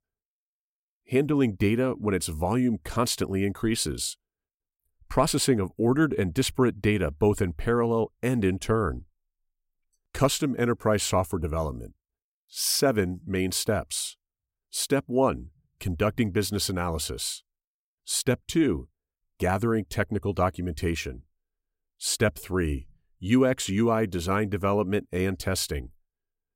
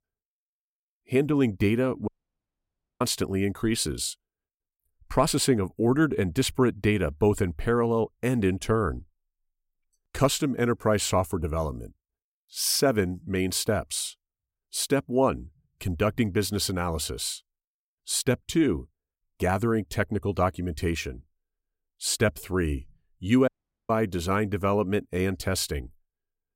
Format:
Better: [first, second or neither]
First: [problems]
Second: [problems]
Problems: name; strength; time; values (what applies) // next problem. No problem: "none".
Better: first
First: none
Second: audio cutting out; at 2 s for 1 s and at 23 s